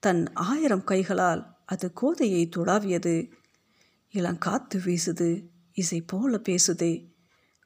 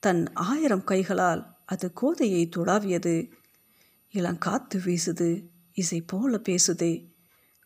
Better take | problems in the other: first | high-pitched whine; faint; throughout; 12 kHz, 35 dB below the speech

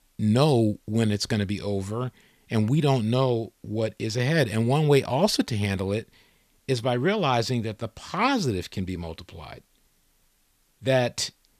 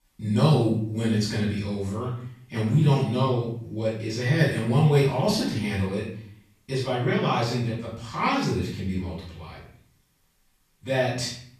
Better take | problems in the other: first | off-mic speech; far // room echo; noticeable; dies away in 0.6 s

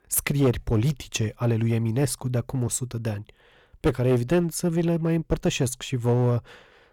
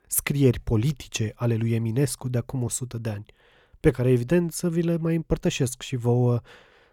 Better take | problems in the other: second | distortion; slight; 6% of the sound clipped

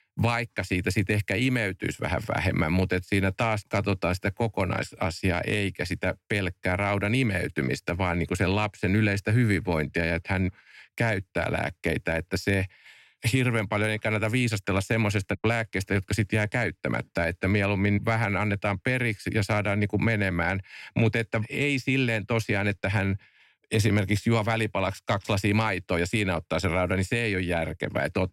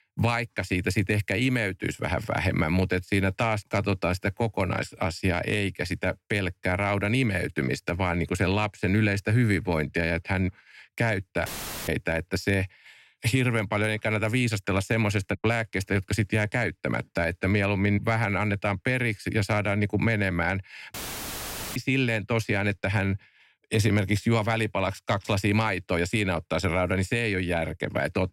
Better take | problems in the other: first | audio cutting out; filled with static; at 11 s and at 21 s for 1 s

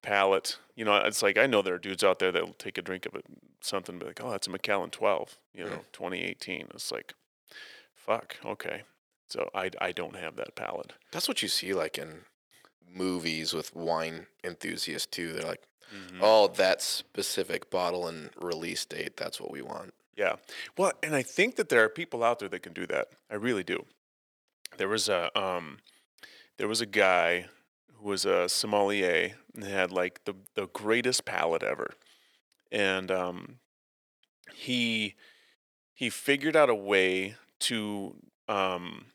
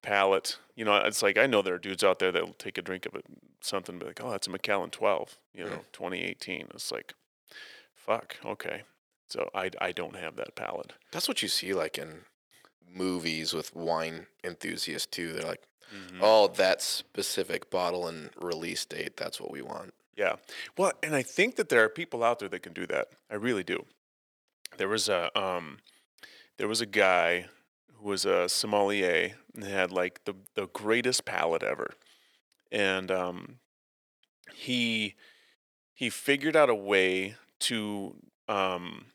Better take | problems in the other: neither | thin; somewhat; fading below 350 Hz; the same in both

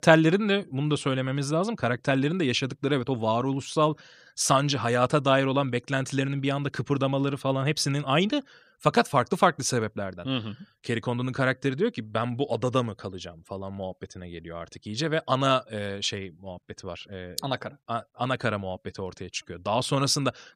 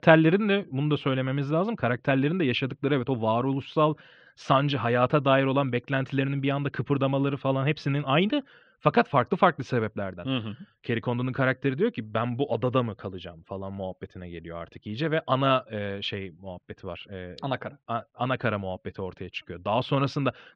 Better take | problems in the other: first | muffled; very; fading above 3 kHz

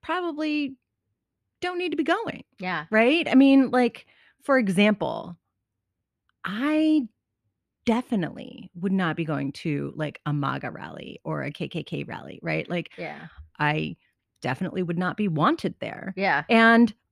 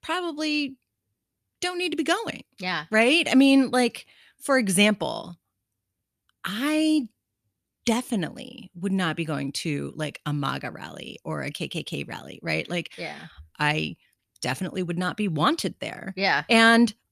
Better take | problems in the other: second | muffled; slightly; fading above 3.5 kHz

